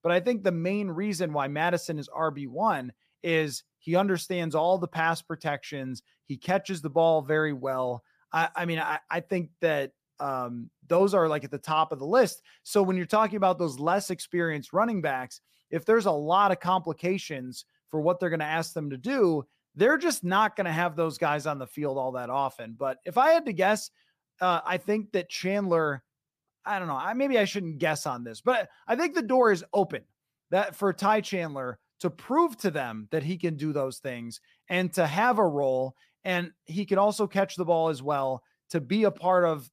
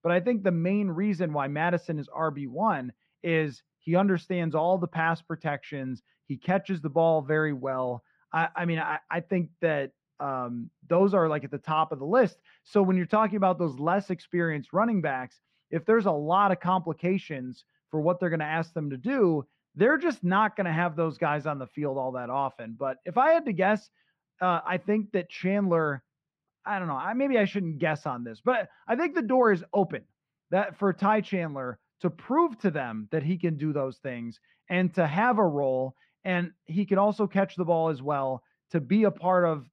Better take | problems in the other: first | muffled; slightly; fading above 2.5 kHz

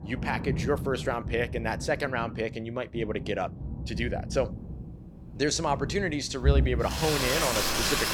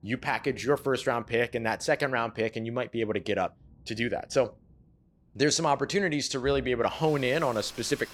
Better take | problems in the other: second | rain or running water; loud; throughout; 2 dB below the speech; faint in the second

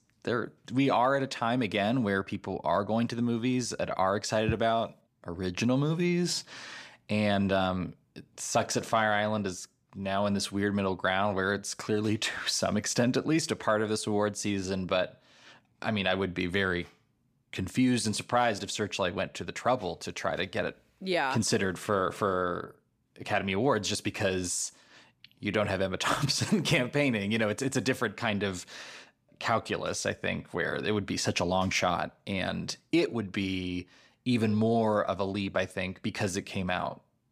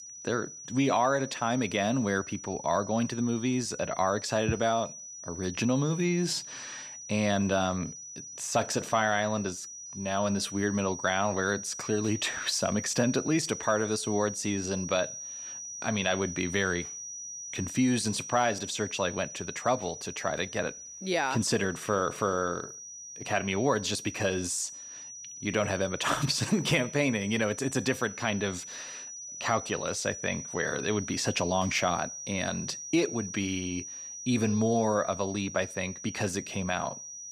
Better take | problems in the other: first | high-pitched whine; loud; throughout; 6 kHz, 10 dB below the speech

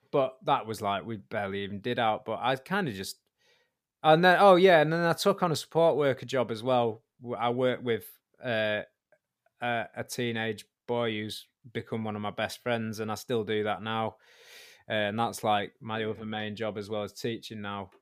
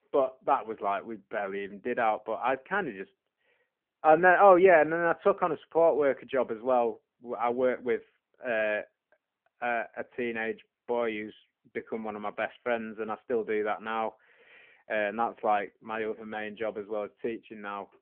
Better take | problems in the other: first | phone-call audio; nothing above 3.5 kHz

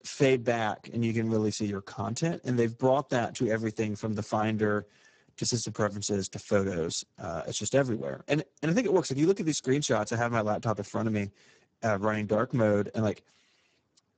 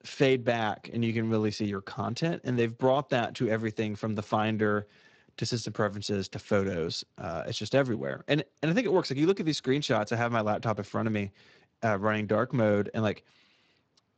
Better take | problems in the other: second | garbled, watery; badly; nothing above 7.5 kHz; slightly in the second

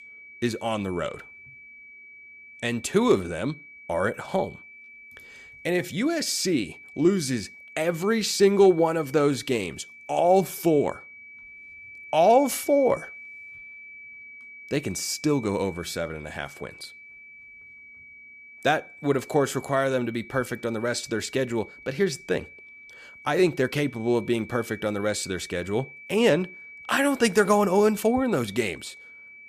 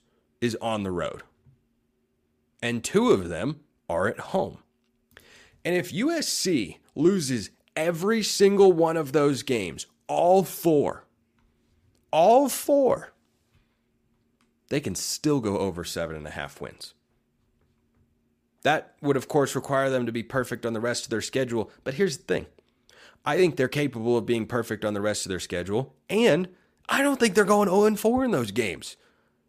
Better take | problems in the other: second | high-pitched whine; noticeable; throughout; 2.5 kHz, 20 dB below the speech

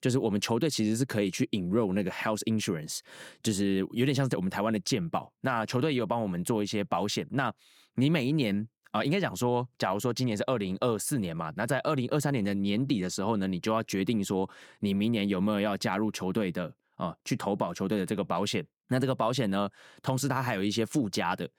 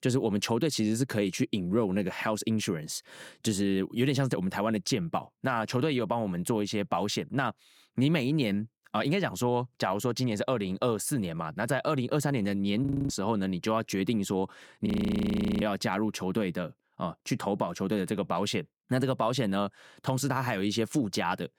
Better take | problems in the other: first | audio freezing; at 13 s and at 15 s for 0.5 s

